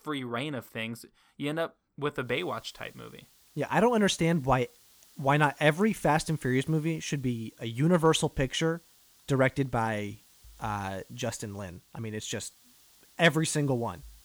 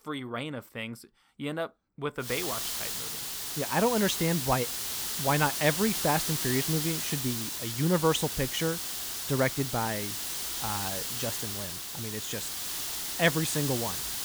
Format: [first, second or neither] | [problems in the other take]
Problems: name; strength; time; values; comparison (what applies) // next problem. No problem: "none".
first | hiss; loud; from 2.5 s on; 1 dB below the speech; faint in the first